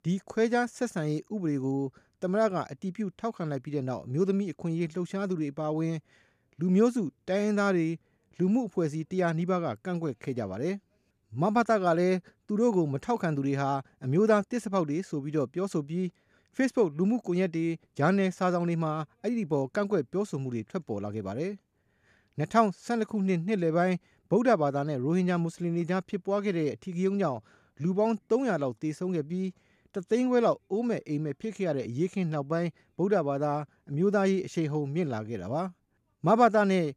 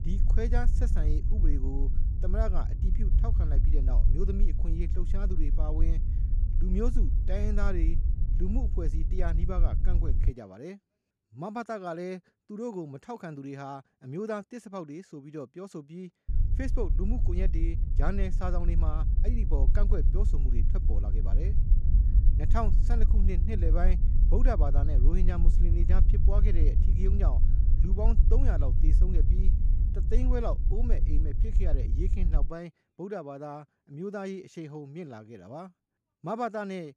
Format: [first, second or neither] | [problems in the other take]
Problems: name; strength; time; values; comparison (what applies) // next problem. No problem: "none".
first | low rumble; loud; until 10 s and from 16 to 32 s; 9 dB below the speech